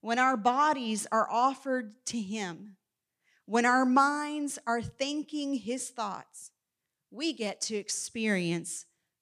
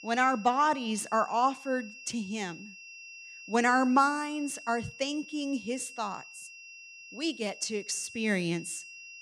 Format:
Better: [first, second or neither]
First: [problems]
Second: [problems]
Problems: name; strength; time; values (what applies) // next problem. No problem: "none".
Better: first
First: none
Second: high-pitched whine; noticeable; throughout; 2.5 kHz, 15 dB below the speech